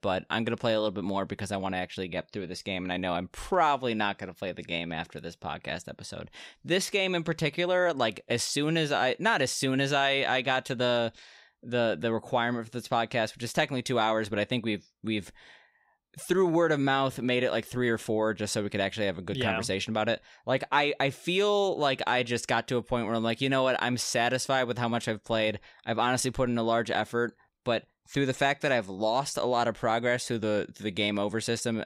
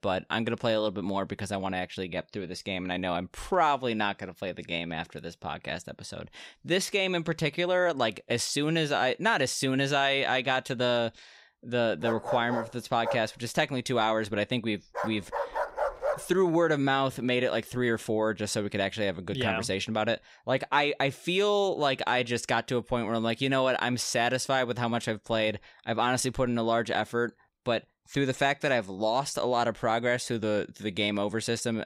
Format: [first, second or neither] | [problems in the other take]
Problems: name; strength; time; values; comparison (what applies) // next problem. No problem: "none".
first | dog barking; noticeable; from 12 to 16 s; peak 2 dB below the speech